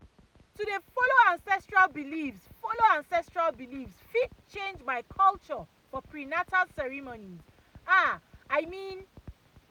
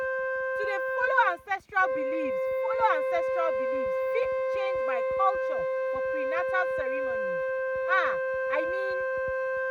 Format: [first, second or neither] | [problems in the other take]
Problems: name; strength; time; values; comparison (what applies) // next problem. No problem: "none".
first | background sound (Wind instrument, woodwind instrument); 4 dB above the speech